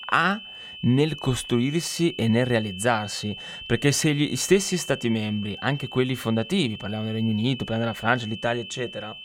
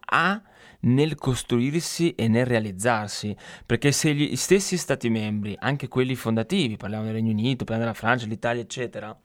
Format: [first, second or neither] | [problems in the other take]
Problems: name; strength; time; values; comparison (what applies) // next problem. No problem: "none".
second | high-pitched whine; noticeable; throughout; 3 kHz, 10 dB below the speech